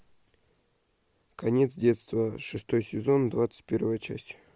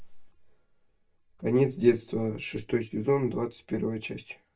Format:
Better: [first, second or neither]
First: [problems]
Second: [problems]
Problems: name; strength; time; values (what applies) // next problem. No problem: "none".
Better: first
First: none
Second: noise reduction (neural mask model DeepFilterNet 3)